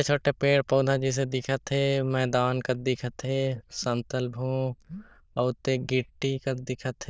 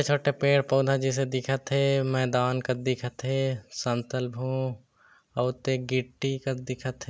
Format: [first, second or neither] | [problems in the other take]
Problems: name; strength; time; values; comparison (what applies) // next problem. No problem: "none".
second | noise reduction (neural diffusion model UNIVERSE++)